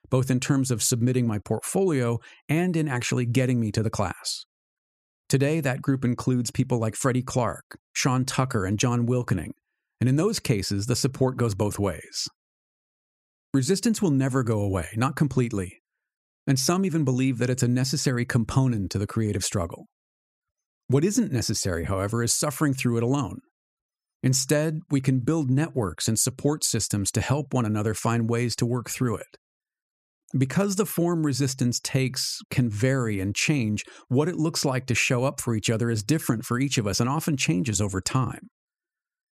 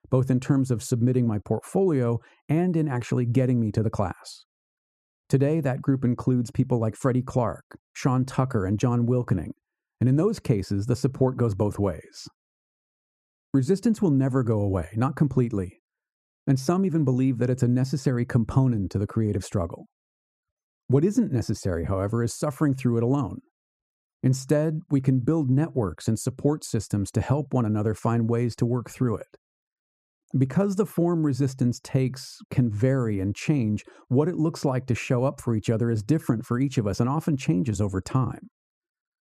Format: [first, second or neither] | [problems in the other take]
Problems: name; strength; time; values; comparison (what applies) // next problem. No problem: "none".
first | muffled; slightly; fading above 1.5 kHz